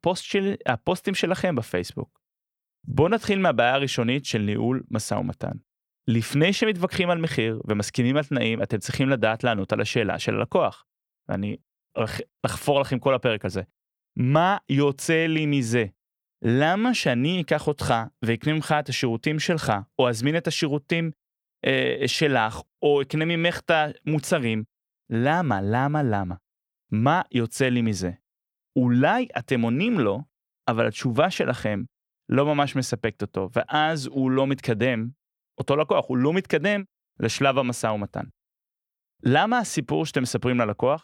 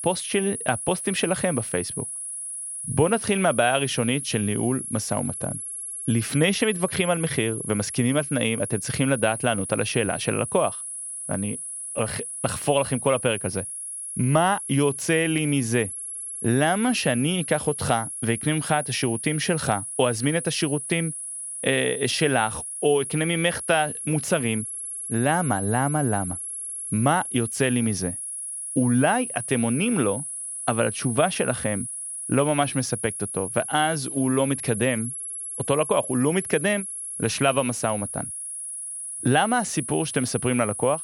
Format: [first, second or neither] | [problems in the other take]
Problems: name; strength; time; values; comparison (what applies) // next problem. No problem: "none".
first | high-pitched whine; loud; throughout; 11 kHz, 6 dB below the speech